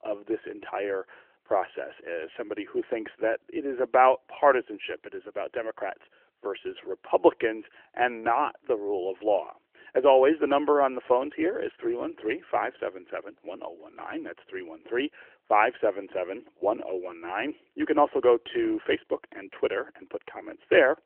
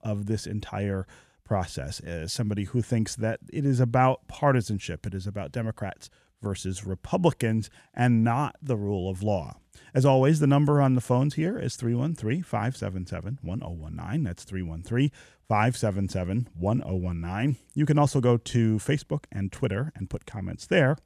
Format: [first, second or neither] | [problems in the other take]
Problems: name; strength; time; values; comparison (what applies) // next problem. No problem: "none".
second | phone-call audio; nothing above 3 kHz